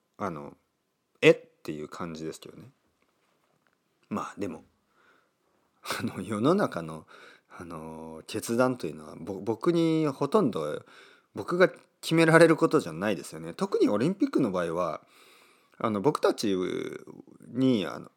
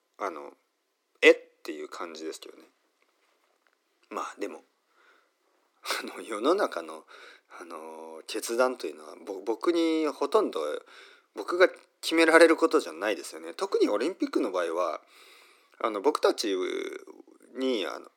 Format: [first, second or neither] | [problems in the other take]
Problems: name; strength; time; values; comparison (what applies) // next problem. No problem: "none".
first | thin; somewhat; fading below 300 Hz